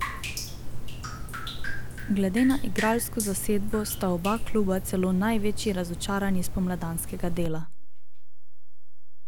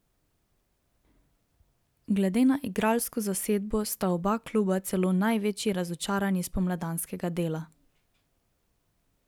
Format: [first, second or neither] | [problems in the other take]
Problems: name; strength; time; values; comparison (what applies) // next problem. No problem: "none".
second | background sound (Drip); as loud as the speech